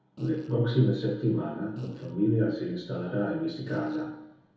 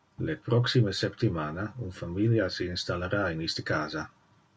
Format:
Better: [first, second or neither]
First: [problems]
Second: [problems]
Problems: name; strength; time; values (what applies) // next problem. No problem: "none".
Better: second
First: background sound (Fart); 18 dB below the speech // room echo; dies away in 1.9 s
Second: none